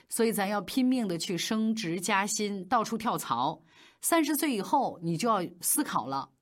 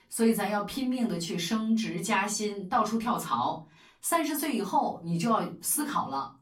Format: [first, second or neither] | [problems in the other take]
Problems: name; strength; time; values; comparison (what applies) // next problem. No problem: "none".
first | off-mic speech; far // room echo; very slight; dies away in 0.2 s